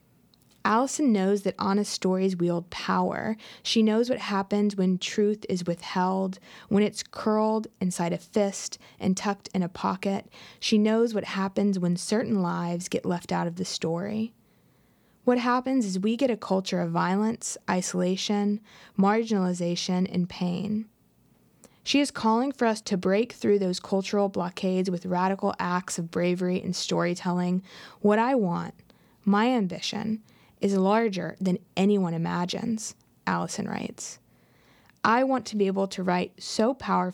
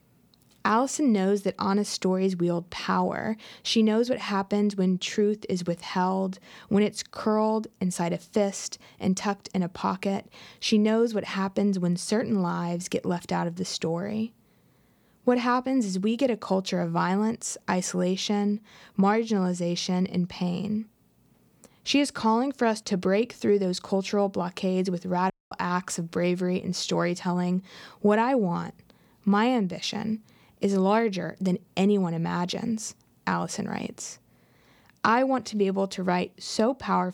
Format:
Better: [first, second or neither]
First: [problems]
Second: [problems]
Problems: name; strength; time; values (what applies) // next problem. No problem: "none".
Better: first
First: none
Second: audio cutting out; at 25 s